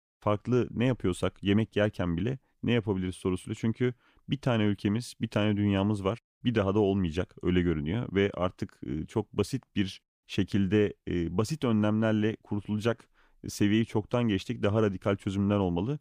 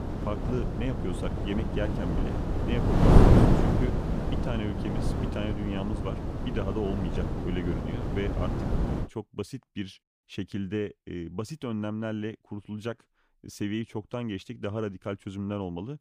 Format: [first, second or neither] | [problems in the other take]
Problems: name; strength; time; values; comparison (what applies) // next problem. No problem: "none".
first | wind noise on the microphone; heavy; until 9 s; 4 dB above the speech